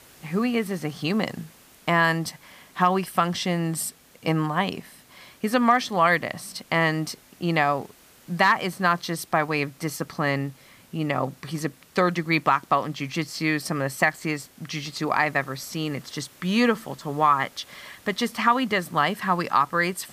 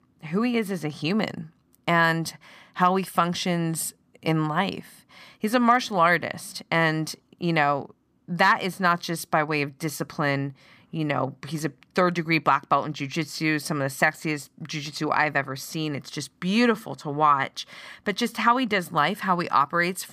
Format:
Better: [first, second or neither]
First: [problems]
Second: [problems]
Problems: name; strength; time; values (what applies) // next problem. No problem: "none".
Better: second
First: hiss; faint; throughout; 25 dB below the speech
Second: none